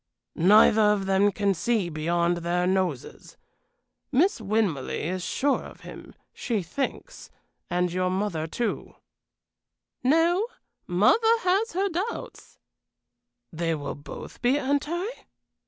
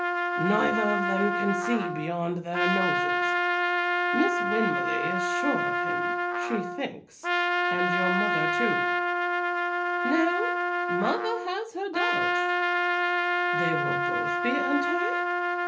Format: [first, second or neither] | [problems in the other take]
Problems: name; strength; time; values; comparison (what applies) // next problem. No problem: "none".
first | background sound (Trumpet); 5 dB above the speech // room echo; dies away in 0.3 s